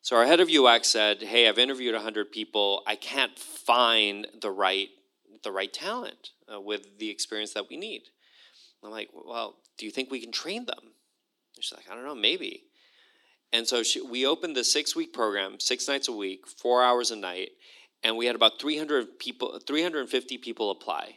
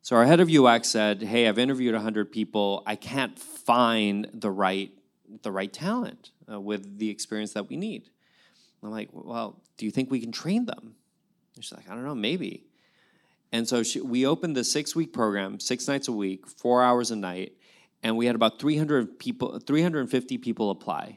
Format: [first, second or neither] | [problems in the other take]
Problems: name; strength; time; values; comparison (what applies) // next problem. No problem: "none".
second | thin; somewhat; fading below 350 Hz